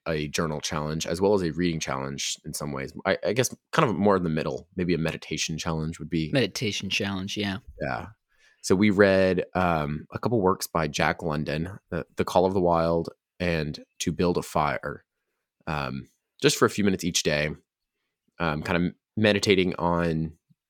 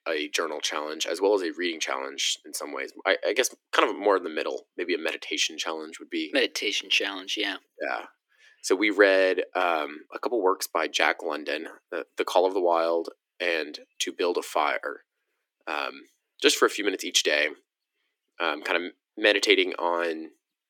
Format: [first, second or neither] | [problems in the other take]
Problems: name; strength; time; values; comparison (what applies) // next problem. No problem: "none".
first | thin; somewhat; fading below 300 Hz